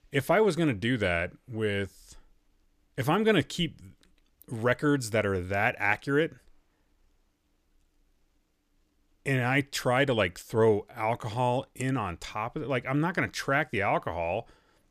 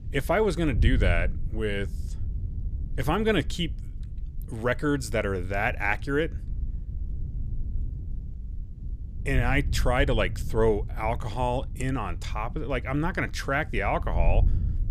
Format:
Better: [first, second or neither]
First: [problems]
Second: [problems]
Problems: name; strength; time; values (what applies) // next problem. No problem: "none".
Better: first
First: none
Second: wind noise on the microphone; occasional gusts; 20 dB below the speech